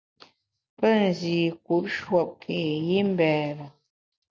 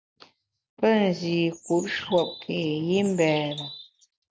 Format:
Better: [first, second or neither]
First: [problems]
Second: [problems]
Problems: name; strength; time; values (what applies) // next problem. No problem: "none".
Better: first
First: none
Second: background sound (Bird); 15 dB below the speech